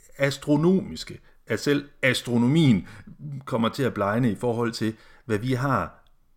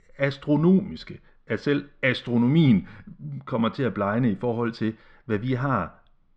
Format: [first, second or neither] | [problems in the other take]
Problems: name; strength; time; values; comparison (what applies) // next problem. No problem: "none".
first | muffled; slightly; fading above 3.5 kHz